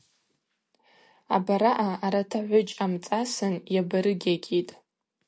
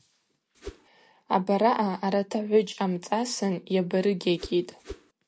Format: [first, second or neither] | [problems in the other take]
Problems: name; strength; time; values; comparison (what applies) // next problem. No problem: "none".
first | background sound (Whoosh, swoosh, swish); 15 dB below the speech